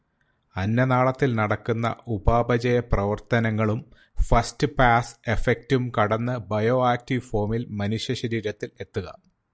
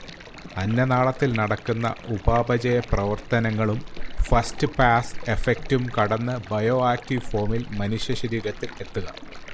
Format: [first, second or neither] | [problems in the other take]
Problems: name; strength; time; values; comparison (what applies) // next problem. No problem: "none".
first | background sound (Stream); 10 dB below the speech